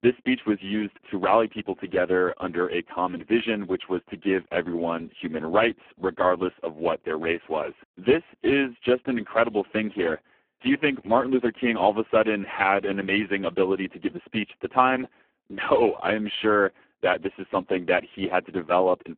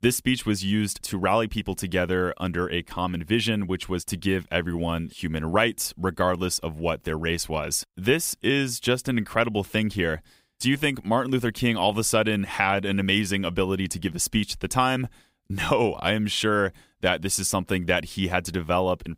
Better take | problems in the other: second | phone-call audio; poor line

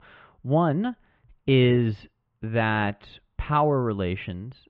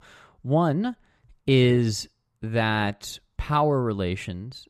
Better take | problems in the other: second | muffled; very; fading above 3 kHz

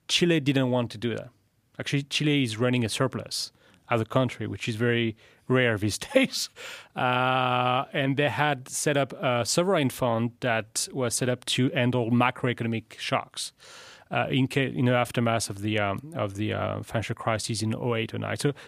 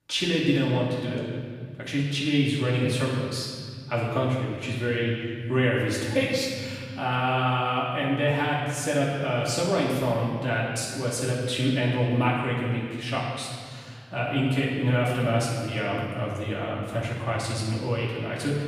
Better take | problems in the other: first | off-mic speech; far // room echo; strong; dies away in 2.1 s

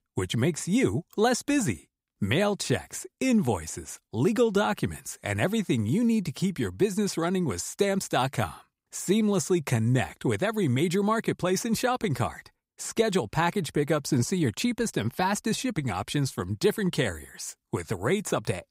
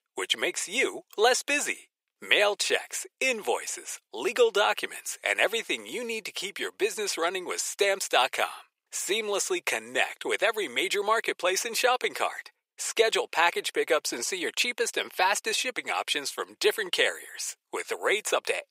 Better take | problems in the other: first | thin; very; fading below 450 Hz

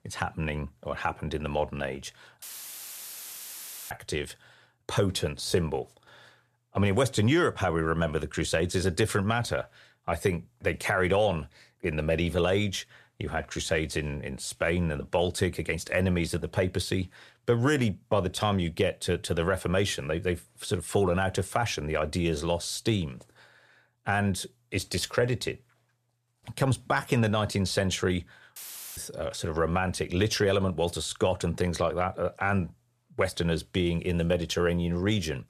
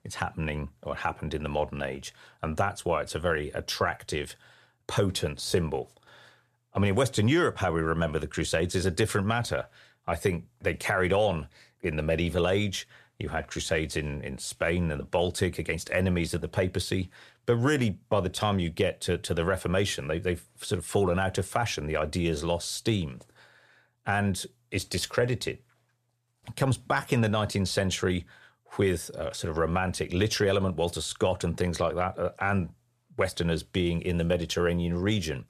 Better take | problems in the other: second | audio cutting out; filled with static; at 2.5 s for 1.5 s and at 29 s

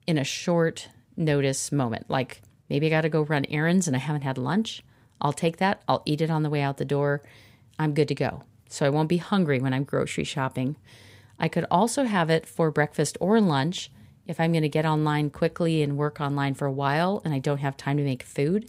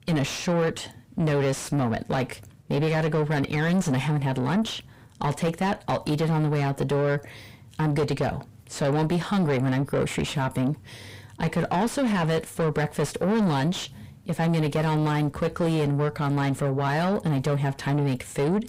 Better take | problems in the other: first | distortion; heavy; 5 dB below the speech

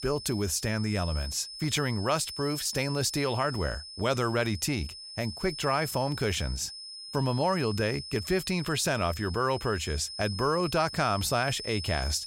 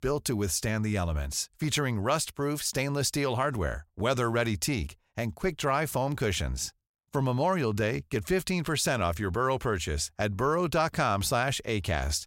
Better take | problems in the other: second | high-pitched whine; loud; throughout; 5 kHz, 9 dB below the speech

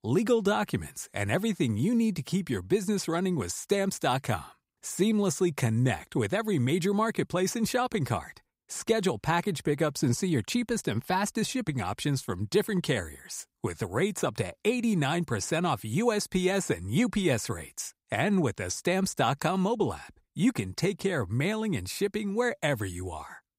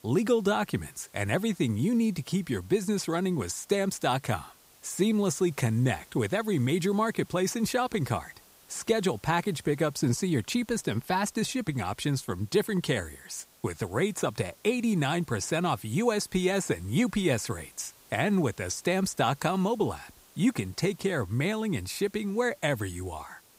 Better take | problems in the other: first | hiss; faint; throughout; 25 dB below the speech

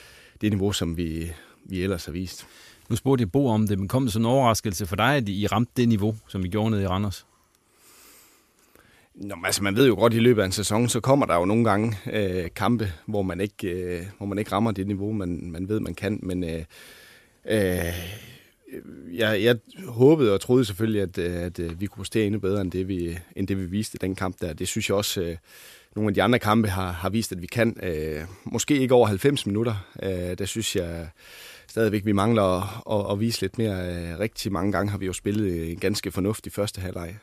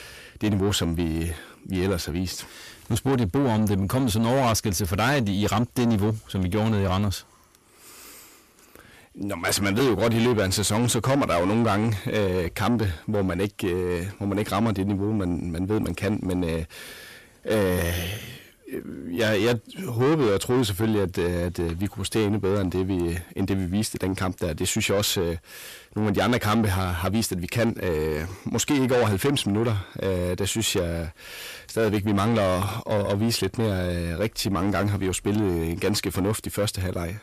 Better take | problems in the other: first | distortion; heavy; 7 dB below the speech

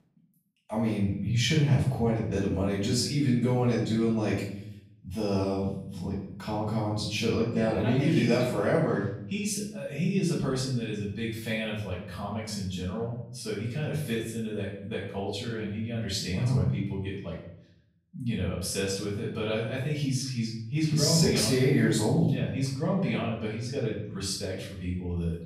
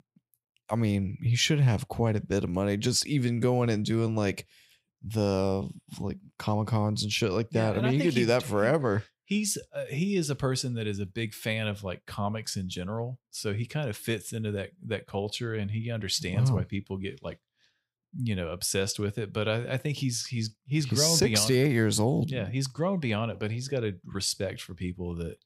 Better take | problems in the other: second | room echo; noticeable; dies away in 0.6 s // off-mic speech; far

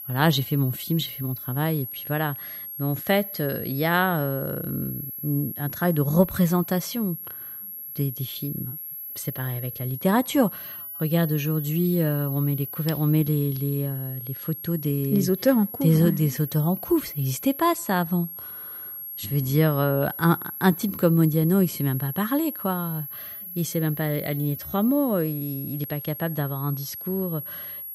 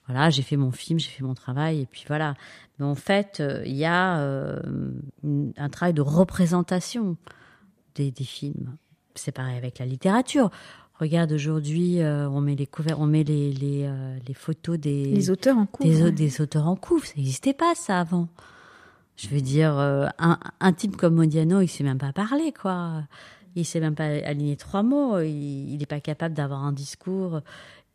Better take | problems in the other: second | high-pitched whine; loud; throughout; 11.5 kHz, 8 dB below the speech

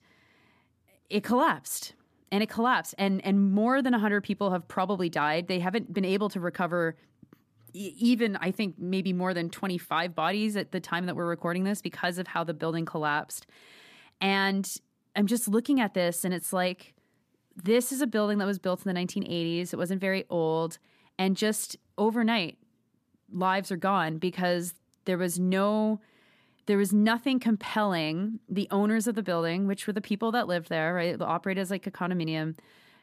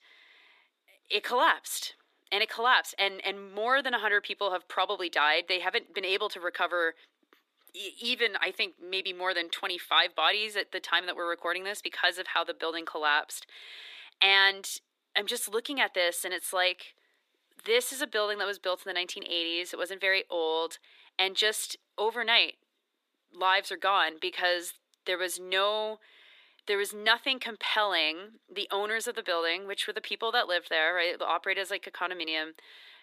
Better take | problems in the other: first | thin; very; fading below 350 Hz

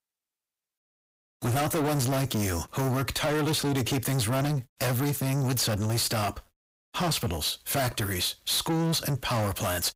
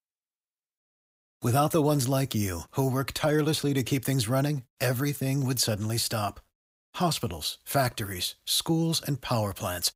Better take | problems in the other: second | distortion; heavy; 6 dB below the speech

